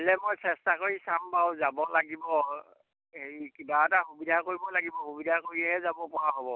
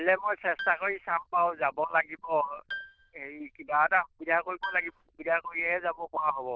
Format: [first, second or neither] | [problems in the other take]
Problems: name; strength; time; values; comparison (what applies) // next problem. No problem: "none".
first | noise reduction (neural diffusion model UNIVERSE++)